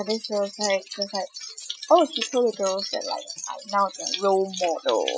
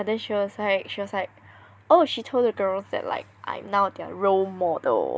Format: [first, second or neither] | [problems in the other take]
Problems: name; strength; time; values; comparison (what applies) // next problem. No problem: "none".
second | noise reduction (classical method Wiener filter)